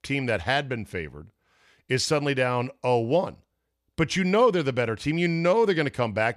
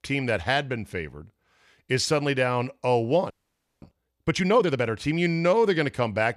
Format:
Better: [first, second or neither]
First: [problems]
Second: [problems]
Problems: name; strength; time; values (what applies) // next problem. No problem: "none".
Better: first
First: none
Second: audio freezing; at 3.5 s for 0.5 s